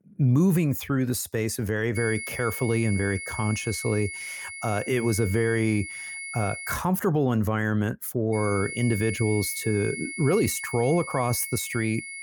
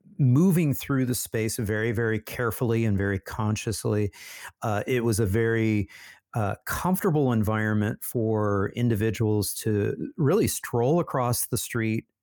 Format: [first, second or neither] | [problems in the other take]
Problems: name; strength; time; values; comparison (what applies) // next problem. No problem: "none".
second | high-pitched whine; loud; from 2 to 7 s and from 8.5 s on; 2 kHz, 8 dB below the speech